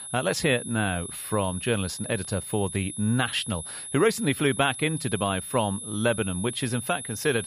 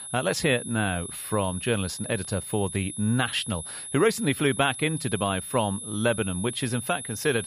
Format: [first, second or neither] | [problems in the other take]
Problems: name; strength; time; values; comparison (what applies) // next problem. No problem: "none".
neither | high-pitched whine; loud; throughout; 10.5 kHz, 8 dB below the speech; the same in both